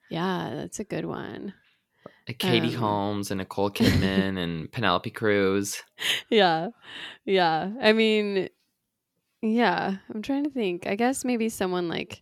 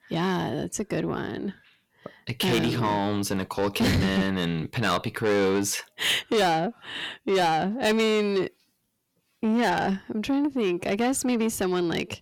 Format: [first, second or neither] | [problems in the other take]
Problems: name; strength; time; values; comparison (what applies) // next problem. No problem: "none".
first | distortion; heavy; 8 dB below the speech